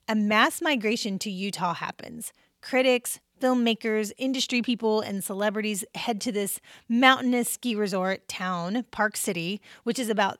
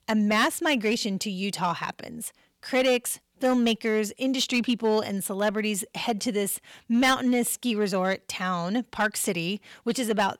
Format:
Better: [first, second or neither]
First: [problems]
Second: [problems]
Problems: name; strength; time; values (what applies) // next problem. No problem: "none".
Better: first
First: none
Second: distortion; slight; 4% of the sound clipped